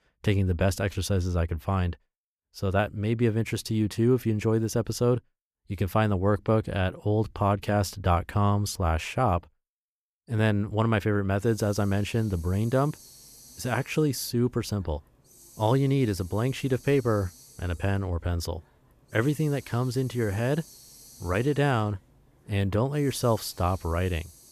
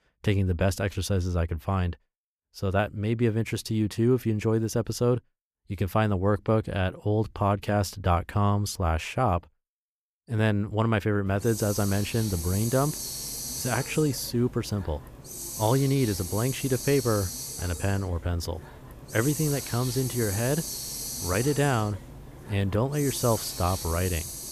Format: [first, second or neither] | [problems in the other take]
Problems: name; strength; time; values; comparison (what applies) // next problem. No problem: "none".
first | hiss; loud; from 11 s on; 7 dB below the speech; faint in the first